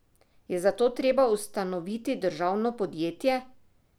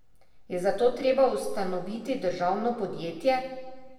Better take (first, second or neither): first